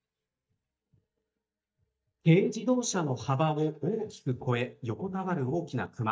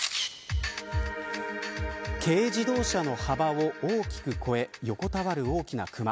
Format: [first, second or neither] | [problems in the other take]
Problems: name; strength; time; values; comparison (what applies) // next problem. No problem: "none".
second | noise reduction (neural mask model DeepFilterNet 3)